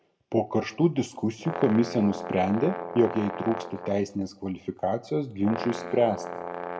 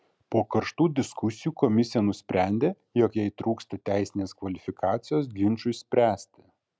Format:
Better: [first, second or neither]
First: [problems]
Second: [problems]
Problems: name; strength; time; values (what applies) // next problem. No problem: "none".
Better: second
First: background sound (Brass instrument); 10 dB below the speech // room echo; dies away in 0.6 s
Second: none